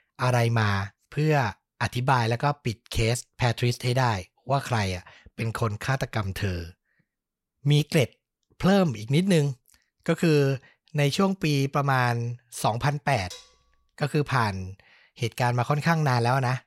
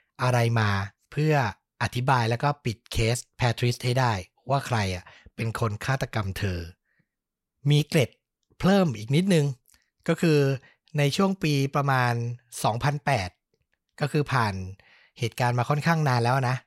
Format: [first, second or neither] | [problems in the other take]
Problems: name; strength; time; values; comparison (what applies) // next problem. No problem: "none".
second | clattering dishes; faint; at 13 s; peak 20 dB below the speech